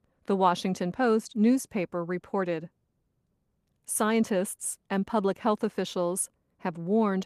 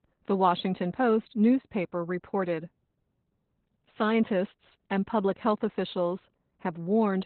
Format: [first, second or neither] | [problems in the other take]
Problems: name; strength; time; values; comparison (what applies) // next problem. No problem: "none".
first | garbled, watery; badly; nothing above 4 kHz; slightly in the first